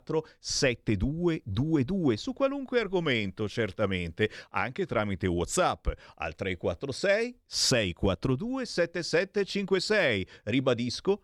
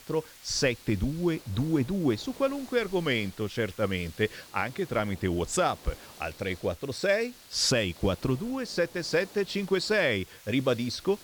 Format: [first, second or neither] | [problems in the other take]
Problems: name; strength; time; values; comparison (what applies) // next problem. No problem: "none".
first | hiss; noticeable; throughout; 20 dB below the speech